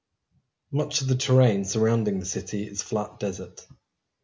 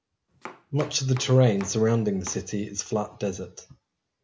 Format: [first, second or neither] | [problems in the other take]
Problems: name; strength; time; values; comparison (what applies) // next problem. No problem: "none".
first | background sound (Domestic sounds, home sounds); 18 dB below the speech